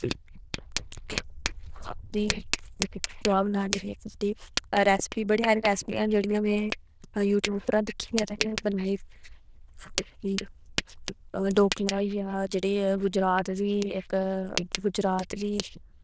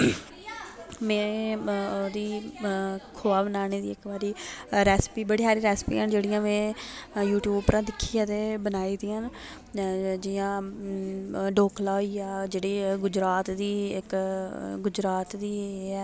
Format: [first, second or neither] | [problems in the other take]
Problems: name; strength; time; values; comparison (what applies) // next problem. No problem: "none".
second | noise reduction (neural diffusion model UNIVERSE++)